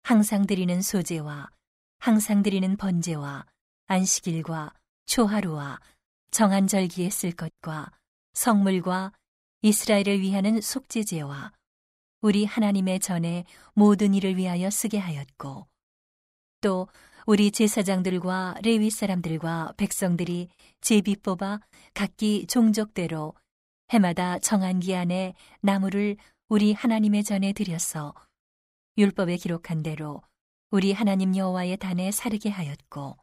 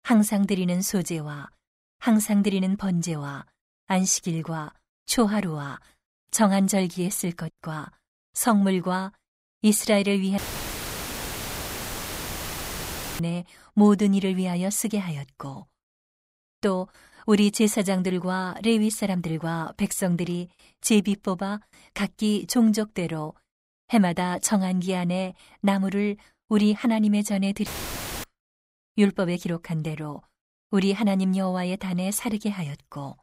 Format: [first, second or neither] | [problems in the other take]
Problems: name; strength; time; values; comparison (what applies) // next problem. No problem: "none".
first | audio cutting out; filled with static; at 10 s for 3 s and at 28 s for 0.5 s